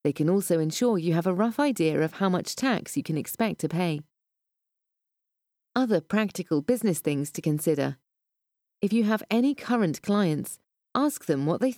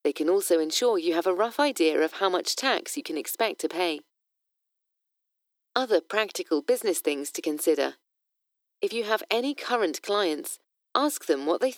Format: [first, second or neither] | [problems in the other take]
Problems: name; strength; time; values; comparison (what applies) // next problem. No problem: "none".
first | thin; somewhat; fading below 350 Hz